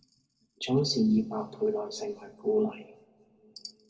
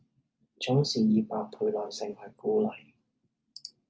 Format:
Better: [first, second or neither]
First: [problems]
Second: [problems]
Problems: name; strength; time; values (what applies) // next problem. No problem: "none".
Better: second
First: room echo; dies away in 1.2 s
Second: none